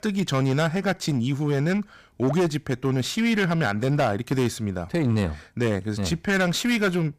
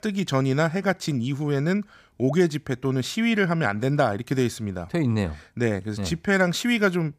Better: second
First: distortion; slight; 13% of the sound clipped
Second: none

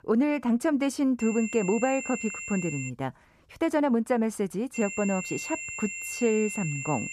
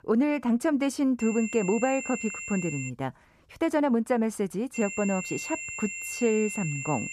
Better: neither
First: high-pitched whine; loud; from 1 to 3 s and from 4.5 s on; 2.5 kHz, 7 dB below the speech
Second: high-pitched whine; loud; from 1 to 3 s and from 4.5 s on; 2.5 kHz, 7 dB below the speech

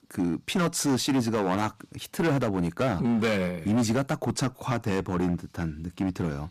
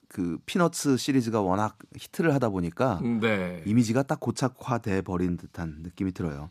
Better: second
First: distortion; heavy; 12% of the sound clipped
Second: none

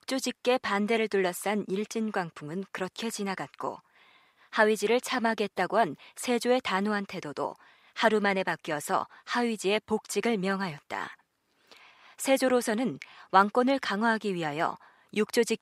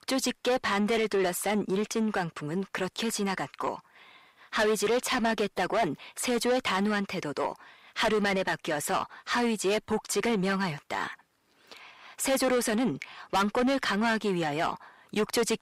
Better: first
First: none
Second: distortion; heavy; 7 dB below the speech

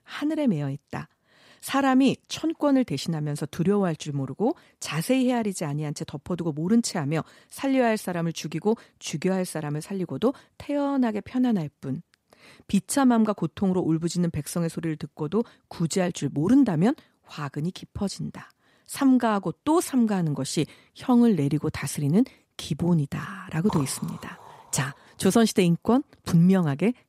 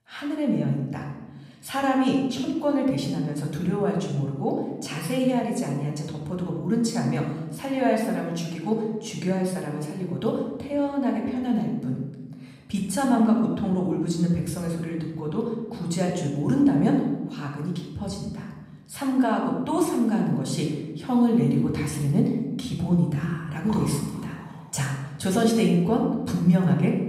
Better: first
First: none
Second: off-mic speech; somewhat distant // room echo; noticeable; dies away in 1 s

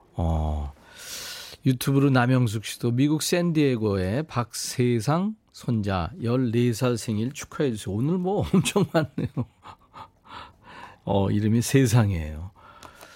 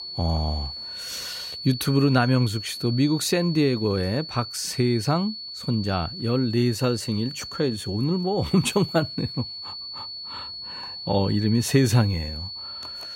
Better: first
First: none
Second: high-pitched whine; loud; throughout; 4.5 kHz, 9 dB below the speech

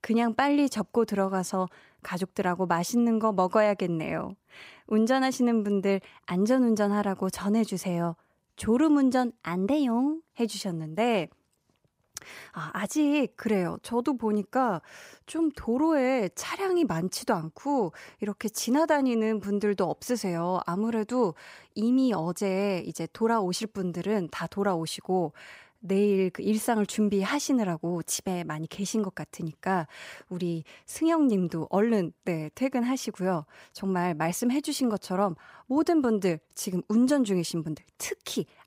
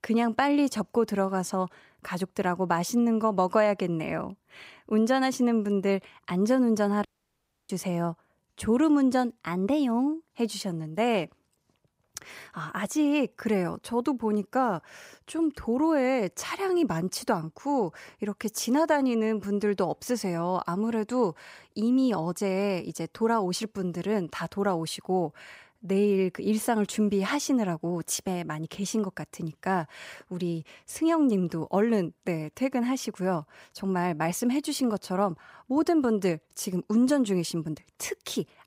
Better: first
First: none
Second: audio cutting out; at 7 s for 0.5 s

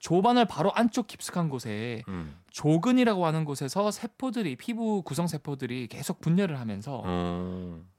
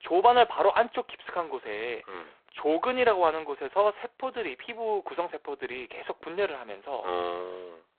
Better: first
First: none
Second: phone-call audio; poor line

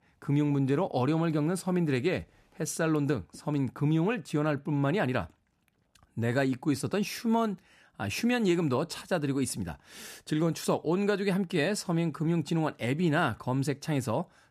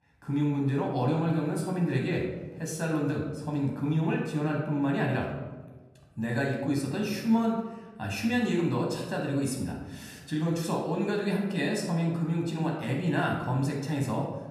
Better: first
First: none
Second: room echo; noticeable; dies away in 0.9 s // off-mic speech; somewhat distant

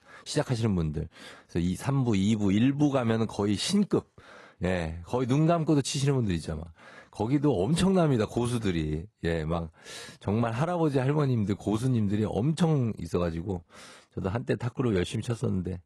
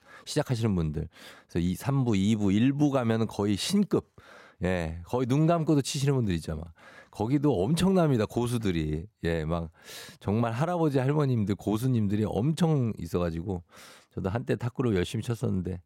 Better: second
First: garbled, watery; slightly; nothing above 11 kHz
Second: none

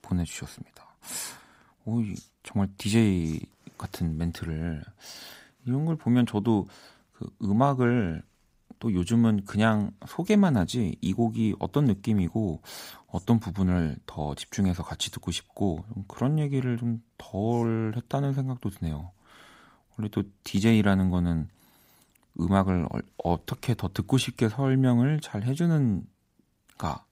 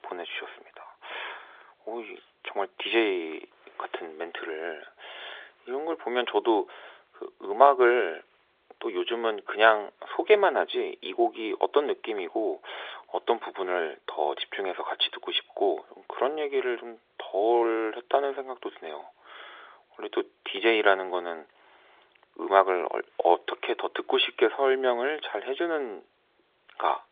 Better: first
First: none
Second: phone-call audio; nothing above 3.5 kHz

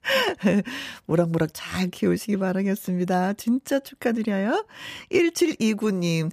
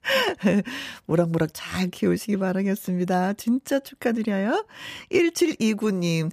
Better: neither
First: none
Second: none

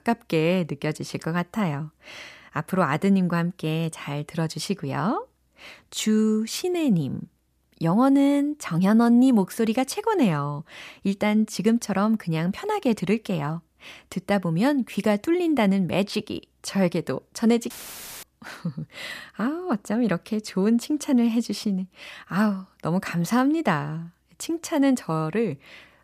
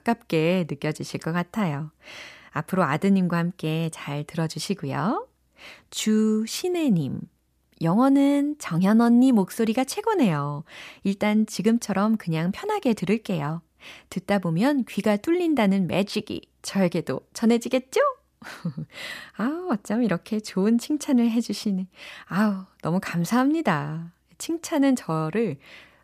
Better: second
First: audio cutting out; filled with static; at 18 s for 0.5 s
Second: none

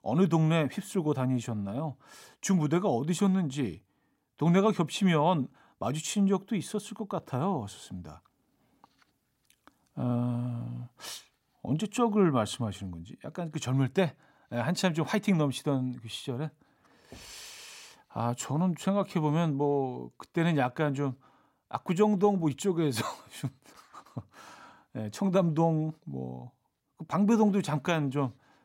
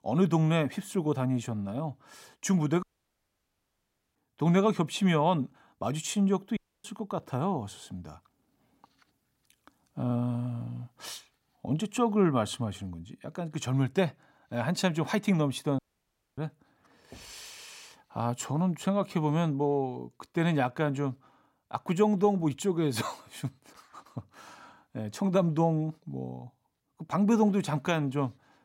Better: first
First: none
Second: audio cutting out; at 3 s for 1.5 s, at 6.5 s and at 16 s for 0.5 s

